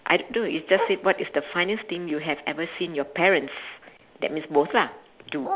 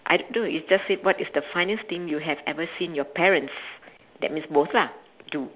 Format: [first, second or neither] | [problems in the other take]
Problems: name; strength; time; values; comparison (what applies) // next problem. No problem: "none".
second | background sound (Bark); 13 dB below the speech